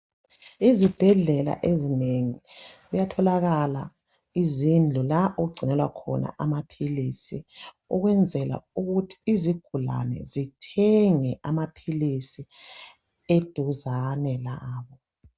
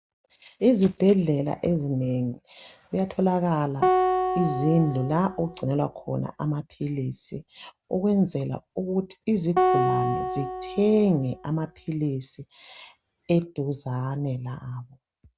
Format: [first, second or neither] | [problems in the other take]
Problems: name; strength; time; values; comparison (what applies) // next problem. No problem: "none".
first | background sound (Acoustic guitar); 1 dB below the speech